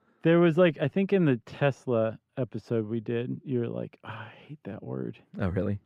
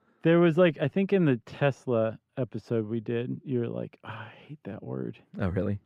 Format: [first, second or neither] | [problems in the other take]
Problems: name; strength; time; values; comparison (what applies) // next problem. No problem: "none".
neither | muffled; slightly; fading above 4 kHz; the same in both